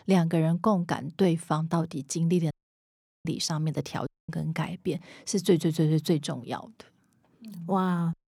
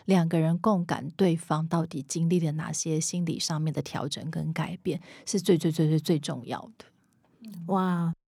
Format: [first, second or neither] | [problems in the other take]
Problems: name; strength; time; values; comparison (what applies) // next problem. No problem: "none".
second | audio cutting out; at 2.5 s for 0.5 s and at 4 s